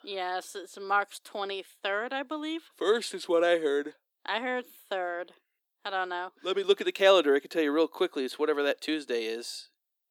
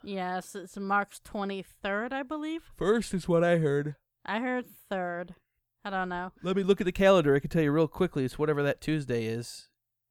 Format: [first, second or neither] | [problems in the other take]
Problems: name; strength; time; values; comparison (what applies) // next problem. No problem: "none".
second | thin; somewhat; fading below 300 Hz